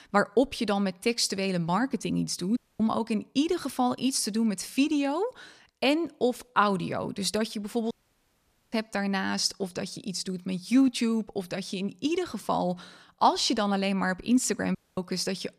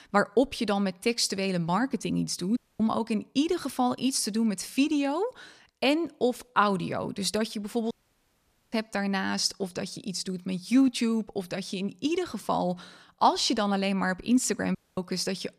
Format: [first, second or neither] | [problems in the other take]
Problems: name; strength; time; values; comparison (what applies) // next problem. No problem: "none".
neither | audio cutting out; at 2.5 s, at 8 s for 1 s and at 15 s; the same in both